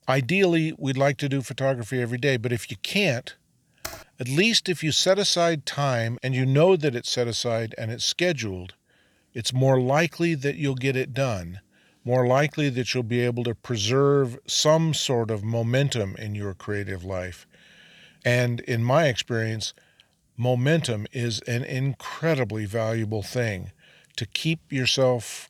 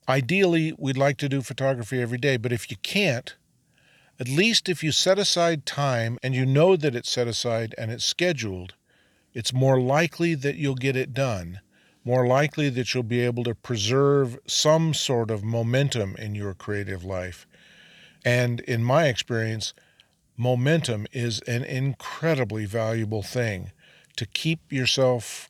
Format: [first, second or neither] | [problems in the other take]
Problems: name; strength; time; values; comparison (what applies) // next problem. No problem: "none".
second | keyboard typing; faint; at 4 s; peak 15 dB below the speech